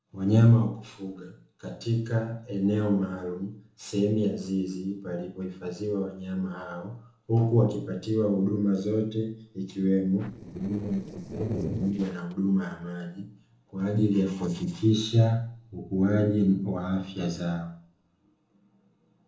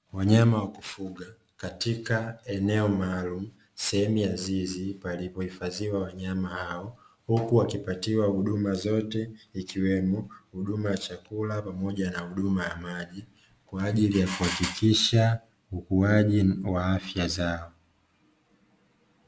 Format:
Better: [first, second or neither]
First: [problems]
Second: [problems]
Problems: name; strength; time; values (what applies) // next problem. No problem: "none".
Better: second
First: noise reduction (neural separator model SepFormer DNS4)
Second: none